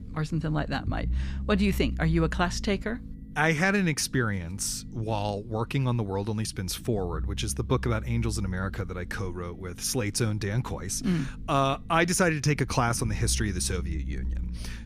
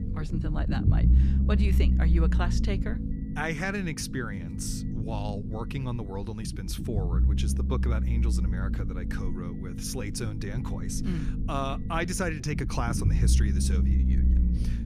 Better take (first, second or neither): first